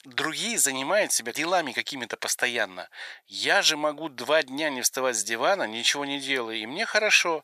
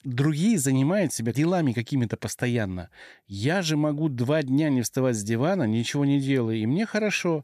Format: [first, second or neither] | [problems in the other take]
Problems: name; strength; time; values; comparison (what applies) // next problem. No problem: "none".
second | thin; very; fading below 850 Hz